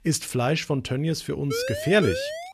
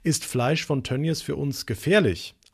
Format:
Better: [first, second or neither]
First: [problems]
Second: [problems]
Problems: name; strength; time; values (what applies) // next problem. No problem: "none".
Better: second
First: siren; noticeable; from 1.5 s on; peak 4 dB below the speech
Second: none